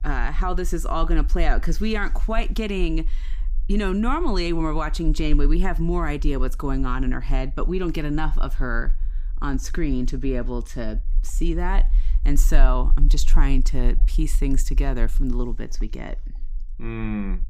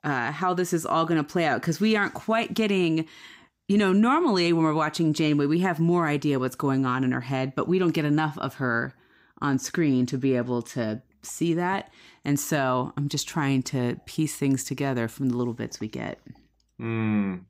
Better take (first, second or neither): second